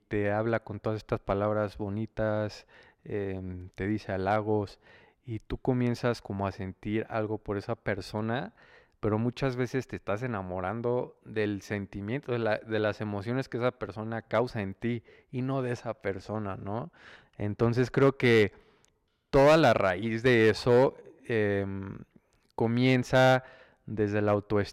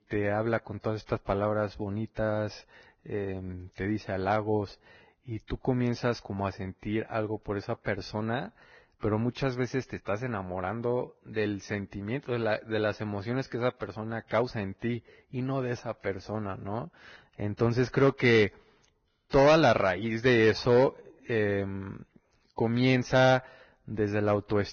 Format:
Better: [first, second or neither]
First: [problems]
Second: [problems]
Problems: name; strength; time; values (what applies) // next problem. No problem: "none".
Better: first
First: none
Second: garbled, watery; badly; nothing above 6.5 kHz